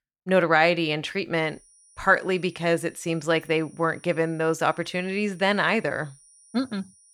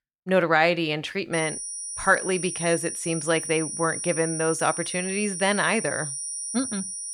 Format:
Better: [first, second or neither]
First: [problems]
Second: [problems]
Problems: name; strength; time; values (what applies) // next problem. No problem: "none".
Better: first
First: high-pitched whine; faint; from 1.5 s on; 9.5 kHz, 30 dB below the speech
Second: high-pitched whine; loud; from 1.5 s on; 9.5 kHz, 5 dB below the speech